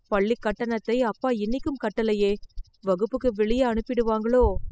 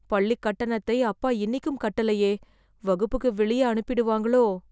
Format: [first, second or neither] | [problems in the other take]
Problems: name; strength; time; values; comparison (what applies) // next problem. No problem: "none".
second | noise reduction (classical method spectral subtraction)